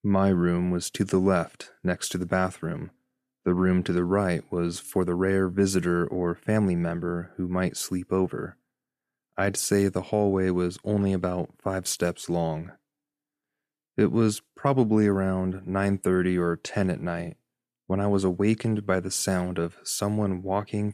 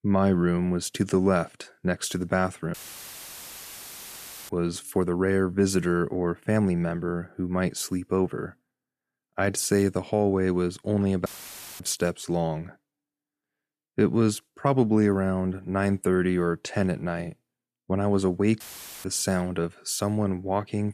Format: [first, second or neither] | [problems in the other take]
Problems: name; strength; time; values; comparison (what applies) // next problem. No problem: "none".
first | audio cutting out; filled with static; at 2.5 s for 2 s, at 11 s for 0.5 s and at 19 s